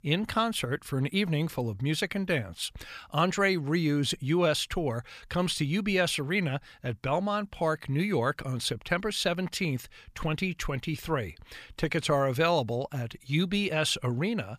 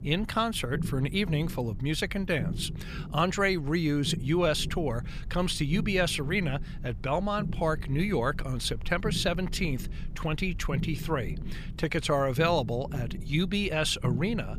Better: first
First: none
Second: low rumble; noticeable; throughout; 20 dB below the speech

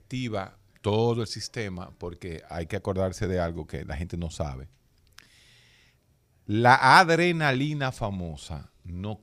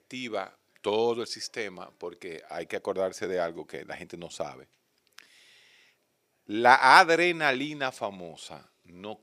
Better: first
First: none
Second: thin; somewhat; fading below 350 Hz

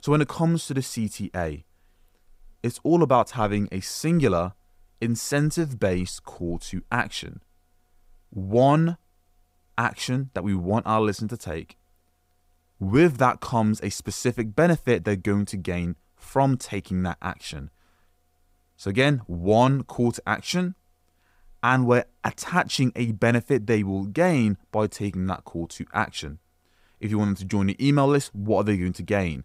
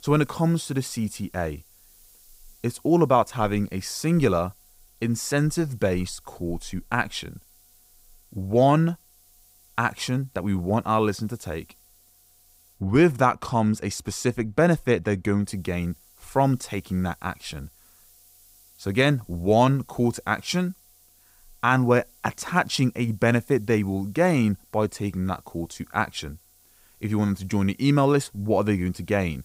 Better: first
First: none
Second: hiss; faint; until 13 s and from 15 s on; 30 dB below the speech

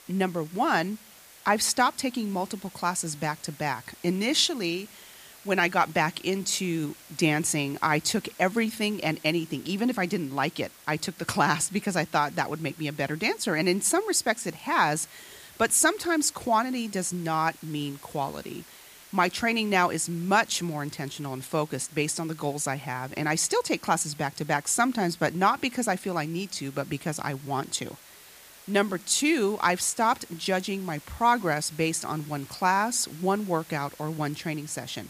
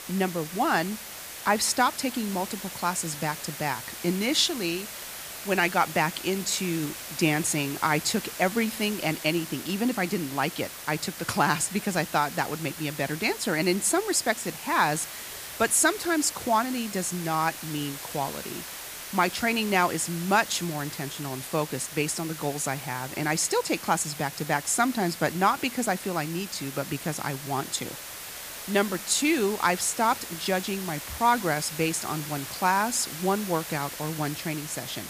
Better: first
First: hiss; faint; throughout; 20 dB below the speech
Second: hiss; loud; throughout; 10 dB below the speech

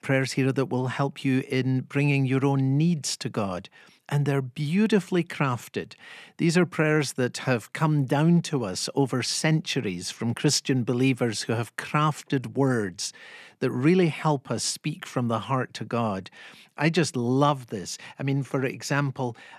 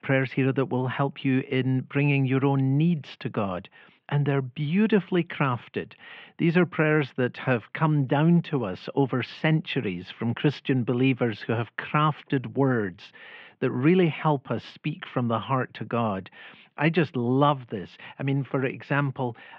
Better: first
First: none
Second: muffled; very; fading above 3 kHz

